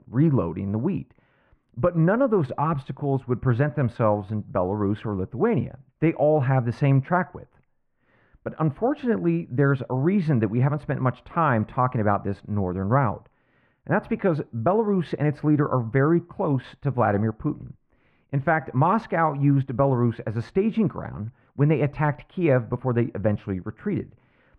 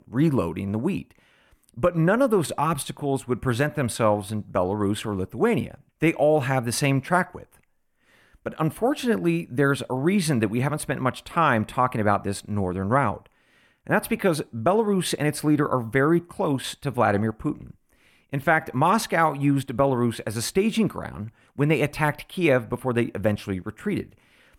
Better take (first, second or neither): second